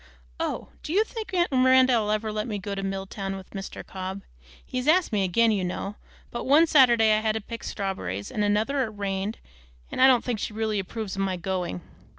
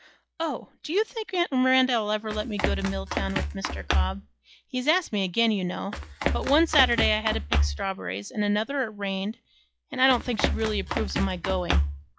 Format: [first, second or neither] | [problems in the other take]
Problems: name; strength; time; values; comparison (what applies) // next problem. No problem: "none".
first | noise reduction (classical method log-MMSE)